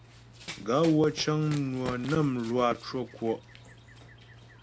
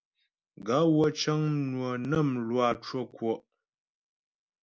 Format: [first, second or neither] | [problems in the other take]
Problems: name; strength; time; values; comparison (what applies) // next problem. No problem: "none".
second | background sound (Run); 16 dB below the speech